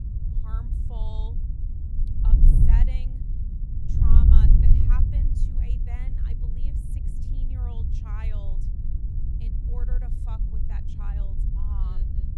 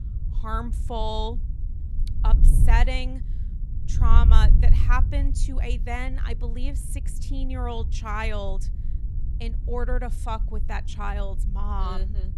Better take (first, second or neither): second